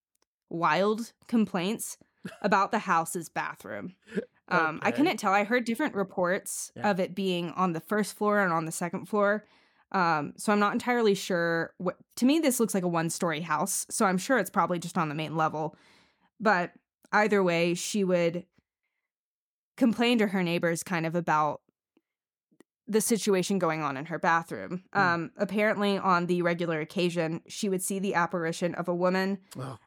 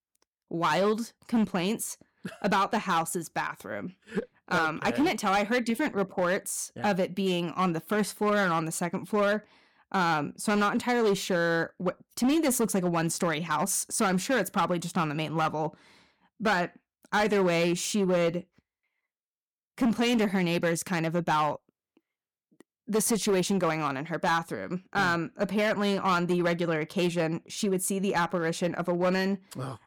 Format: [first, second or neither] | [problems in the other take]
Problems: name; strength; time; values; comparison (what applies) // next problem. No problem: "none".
first | distortion; slight; 7% of the sound clipped